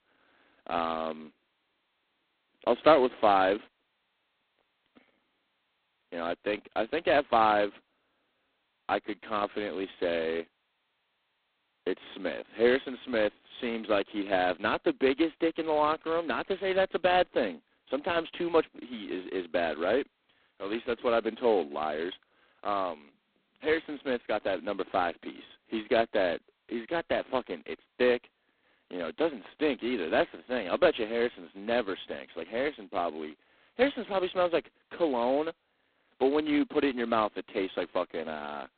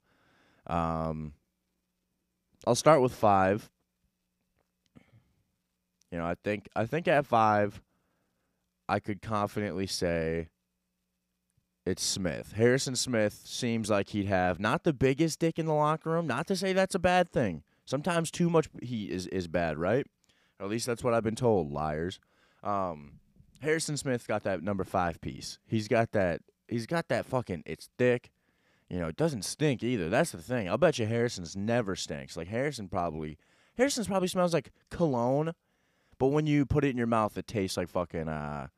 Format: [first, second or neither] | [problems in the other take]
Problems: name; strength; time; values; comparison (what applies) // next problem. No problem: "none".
second | phone-call audio; poor line; nothing above 4 kHz